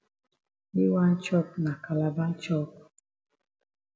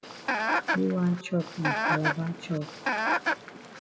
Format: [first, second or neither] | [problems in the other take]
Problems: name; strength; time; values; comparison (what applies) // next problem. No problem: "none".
first | background sound (Chicken, rooster); 2 dB above the speech